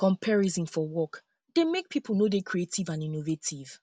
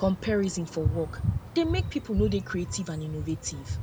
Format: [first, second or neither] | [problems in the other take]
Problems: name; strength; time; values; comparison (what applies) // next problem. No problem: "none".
first | background sound (Dog); 3 dB below the speech